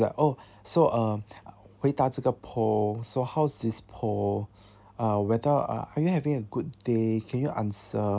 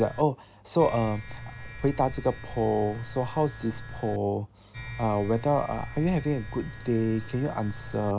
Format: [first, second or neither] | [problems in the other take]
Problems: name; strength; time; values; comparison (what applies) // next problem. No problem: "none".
first | background sound (Domestic sounds, home sounds); 12 dB below the speech